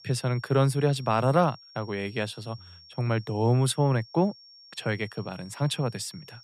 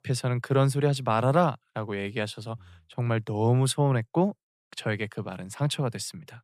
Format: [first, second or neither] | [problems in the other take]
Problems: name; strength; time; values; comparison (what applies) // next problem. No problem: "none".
second | high-pitched whine; faint; throughout; 5.5 kHz, 20 dB below the speech